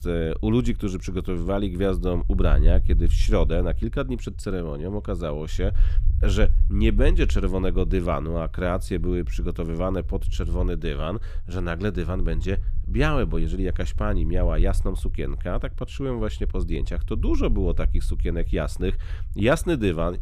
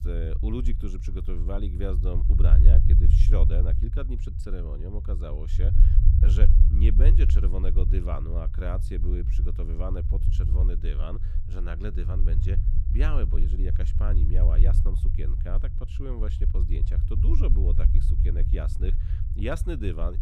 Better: first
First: low rumble; faint; throughout; 20 dB below the speech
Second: low rumble; loud; throughout; 4 dB below the speech

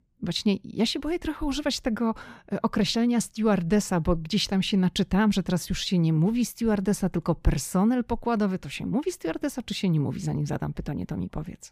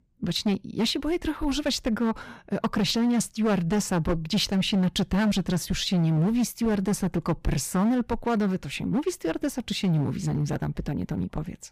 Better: first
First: none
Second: distortion; slight; 11% of the sound clipped

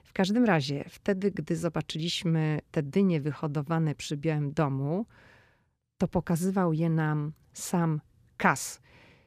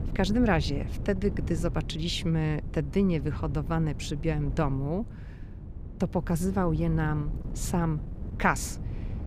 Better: first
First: none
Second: wind noise on the microphone; occasional gusts; 15 dB below the speech

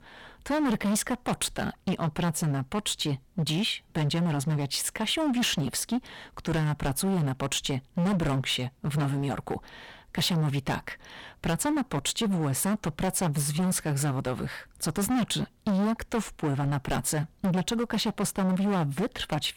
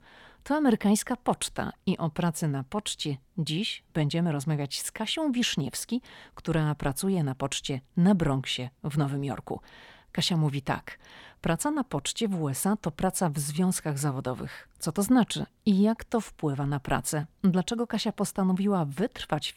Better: second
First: distortion; heavy; 19% of the sound clipped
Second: none

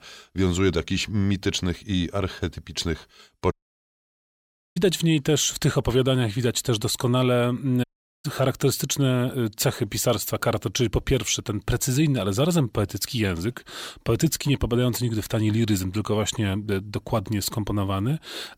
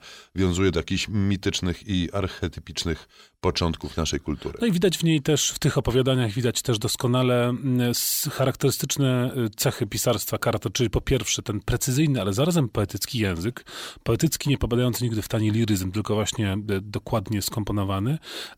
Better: second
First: audio cutting out; at 3.5 s for 1 s and at 8 s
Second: none

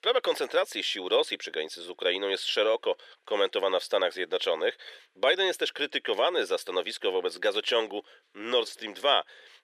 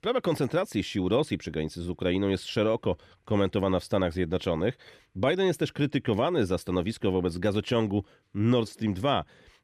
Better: second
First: thin; very; fading below 450 Hz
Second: none

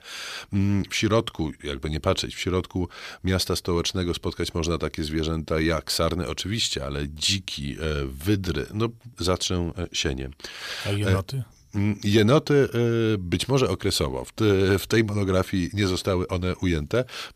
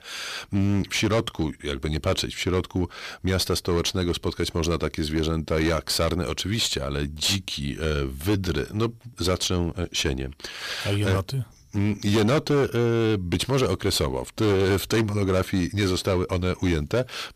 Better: first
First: none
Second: distortion; slight; 12% of the sound clipped

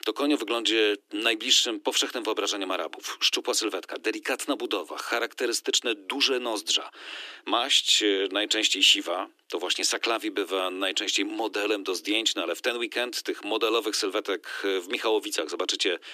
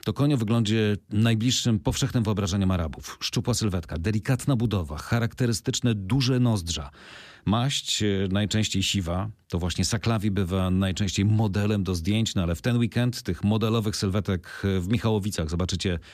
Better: second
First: thin; very; fading below 300 Hz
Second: none

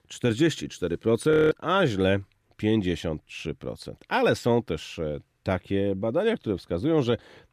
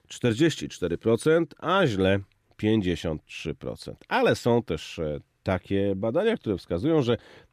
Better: second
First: audio freezing; at 1.5 s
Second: none

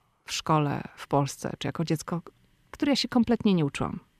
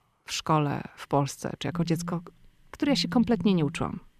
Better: first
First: none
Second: phone ringing; noticeable; from 1.5 s on; peak 8 dB below the speech

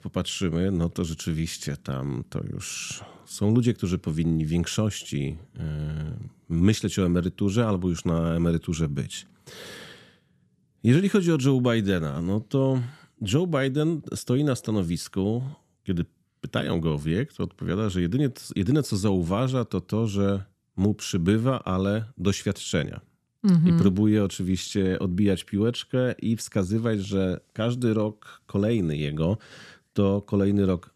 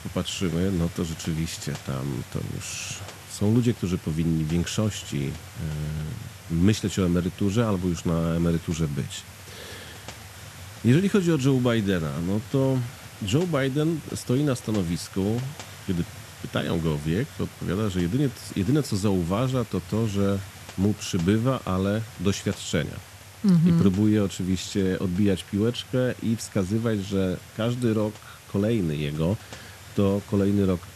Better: first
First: none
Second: hiss; noticeable; throughout; 15 dB below the speech

